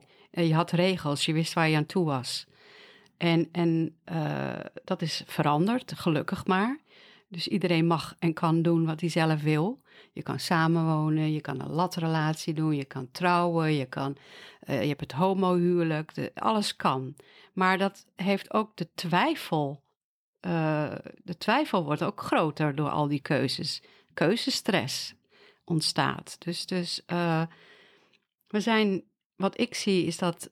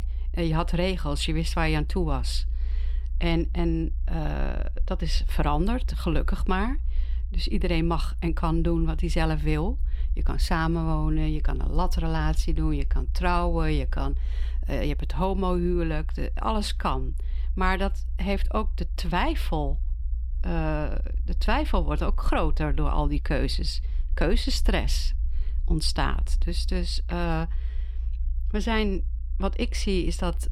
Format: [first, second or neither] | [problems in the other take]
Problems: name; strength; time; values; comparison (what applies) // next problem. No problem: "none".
first | low rumble; faint; throughout; 25 dB below the speech